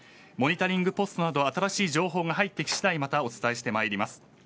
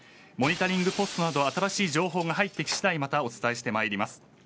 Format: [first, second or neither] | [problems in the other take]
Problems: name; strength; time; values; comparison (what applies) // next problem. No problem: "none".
first | background sound (Shatter); 16 dB below the speech